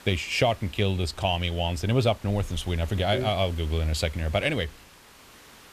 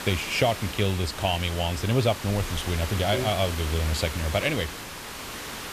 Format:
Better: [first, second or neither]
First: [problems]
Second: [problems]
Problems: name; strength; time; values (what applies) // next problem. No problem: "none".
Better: first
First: hiss; faint; throughout; 20 dB below the speech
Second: hiss; loud; throughout; 8 dB below the speech